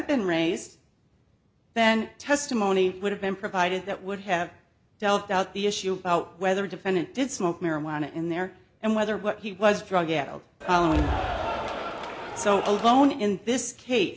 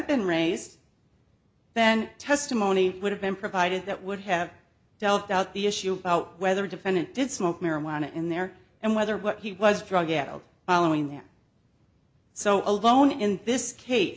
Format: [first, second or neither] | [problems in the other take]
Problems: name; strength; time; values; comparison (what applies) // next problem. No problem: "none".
second | background sound (Cheering); 4 dB below the speech